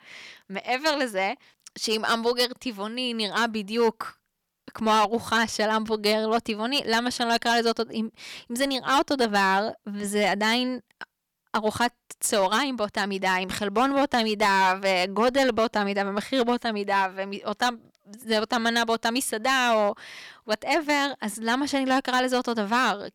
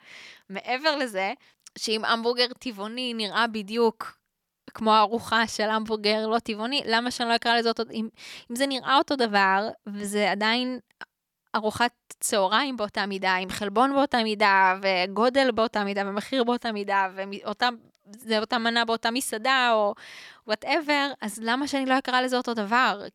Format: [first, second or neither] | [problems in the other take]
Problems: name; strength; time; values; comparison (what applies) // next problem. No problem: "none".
second | distortion; slight; 5% of the sound clipped